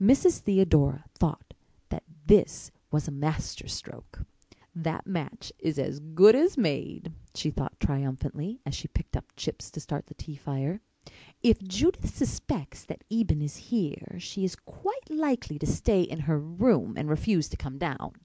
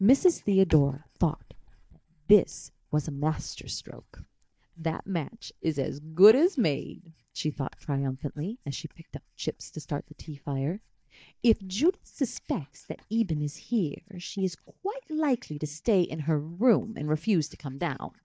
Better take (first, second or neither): first